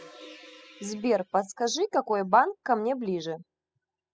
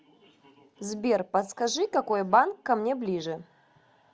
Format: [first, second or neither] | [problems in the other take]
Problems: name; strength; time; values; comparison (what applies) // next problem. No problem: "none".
second | noise reduction (classical method spectral subtraction)